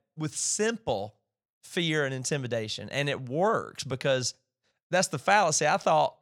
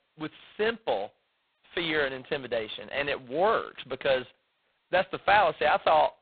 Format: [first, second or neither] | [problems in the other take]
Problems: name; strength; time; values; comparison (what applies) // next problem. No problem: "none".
first | phone-call audio; poor line; nothing above 4 kHz